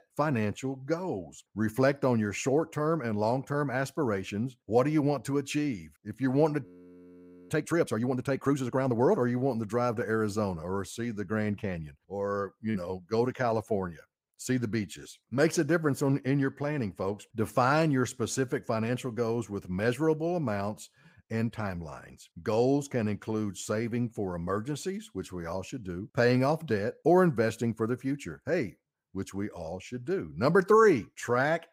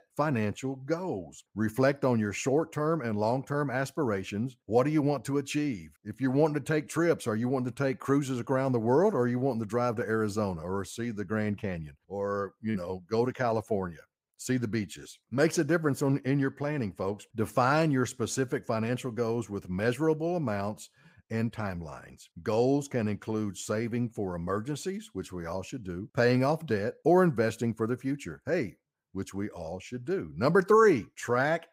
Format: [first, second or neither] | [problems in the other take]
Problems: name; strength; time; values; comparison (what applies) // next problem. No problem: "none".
second | audio freezing; at 6.5 s for 1 s